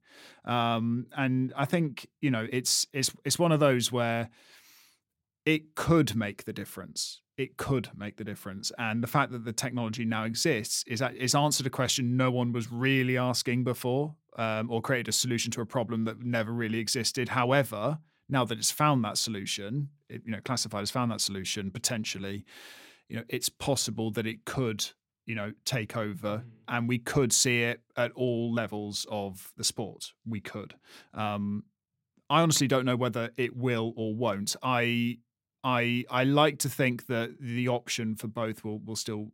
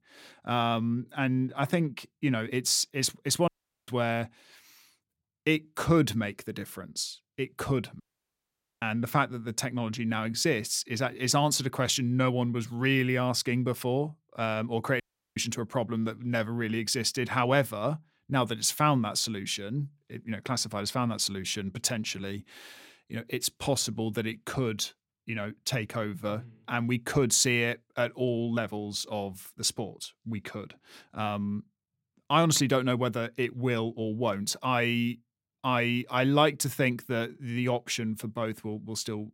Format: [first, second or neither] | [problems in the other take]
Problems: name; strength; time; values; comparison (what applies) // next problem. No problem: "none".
first | audio cutting out; at 3.5 s, at 8 s for 1 s and at 15 s